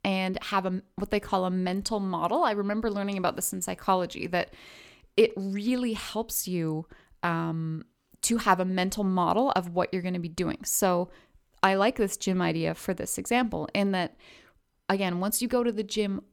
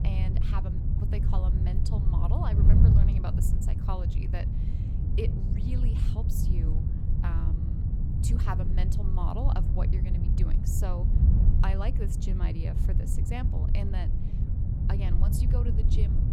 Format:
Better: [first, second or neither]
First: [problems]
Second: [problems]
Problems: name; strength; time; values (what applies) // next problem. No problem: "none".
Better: first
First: none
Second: wind noise on the microphone; heavy; as loud as the speech